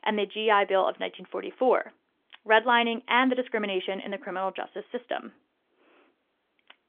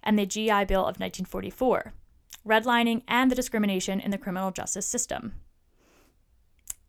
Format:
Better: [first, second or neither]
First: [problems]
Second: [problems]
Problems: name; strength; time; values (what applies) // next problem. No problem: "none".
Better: second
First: phone-call audio; nothing above 3.5 kHz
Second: none